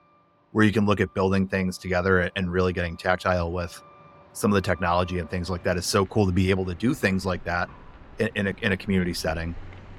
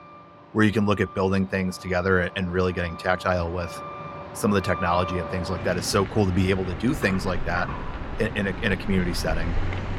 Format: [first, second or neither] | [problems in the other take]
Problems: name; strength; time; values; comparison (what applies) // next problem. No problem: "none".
first | traffic noise; loud; throughout; 10 dB below the speech; faint in the first